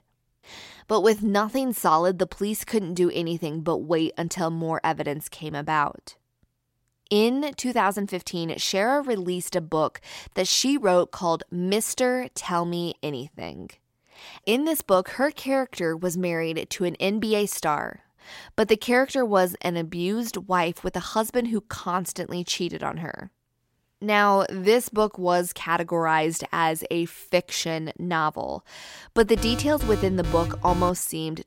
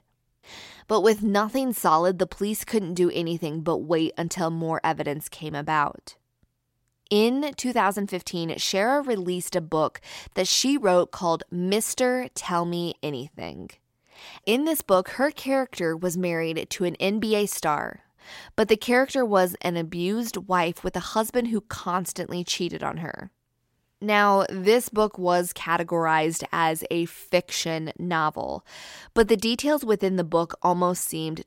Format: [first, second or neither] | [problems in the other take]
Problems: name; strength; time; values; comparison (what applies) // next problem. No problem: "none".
second | alarm; noticeable; from 29 to 31 s; peak 6 dB below the speech